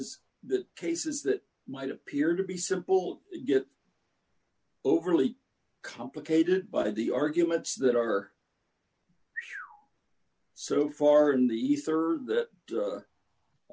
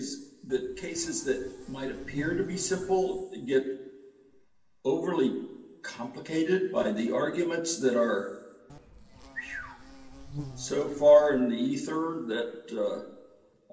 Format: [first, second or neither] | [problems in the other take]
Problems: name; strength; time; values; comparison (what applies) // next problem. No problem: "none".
first | background sound (Insect); 15 dB below the speech // room echo; dies away in 1.7 s